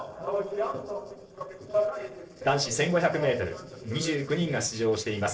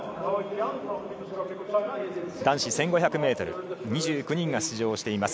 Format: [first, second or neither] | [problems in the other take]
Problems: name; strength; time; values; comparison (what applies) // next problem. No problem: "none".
second | noise reduction (neural separator model SepFormer DNS4)